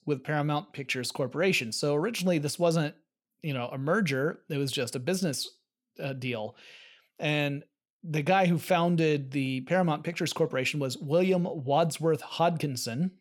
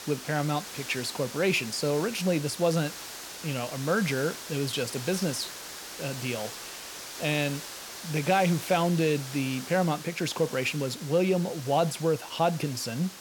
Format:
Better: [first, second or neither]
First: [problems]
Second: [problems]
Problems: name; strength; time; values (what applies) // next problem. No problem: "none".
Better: first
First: none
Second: hiss; noticeable; throughout; 10 dB below the speech